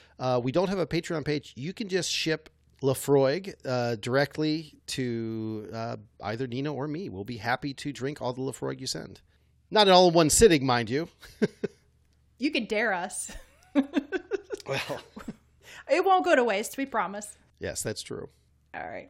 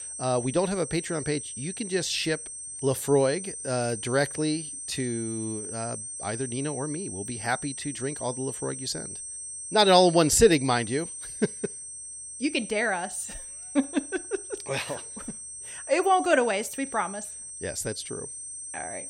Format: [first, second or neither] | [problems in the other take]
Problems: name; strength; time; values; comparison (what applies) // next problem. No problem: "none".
first | high-pitched whine; loud; throughout; 8.5 kHz, 9 dB below the speech